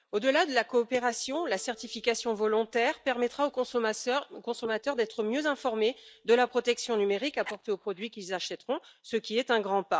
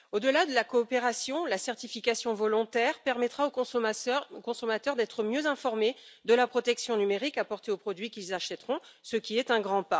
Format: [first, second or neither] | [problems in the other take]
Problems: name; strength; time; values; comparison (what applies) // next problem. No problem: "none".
second | noise reduction (neural mask model DeepFilterNet 3)